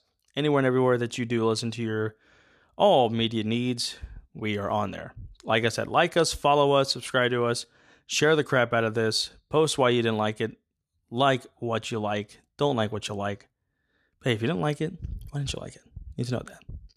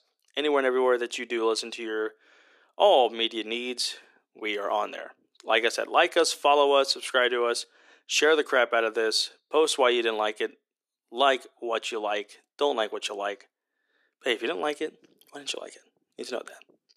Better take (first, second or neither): first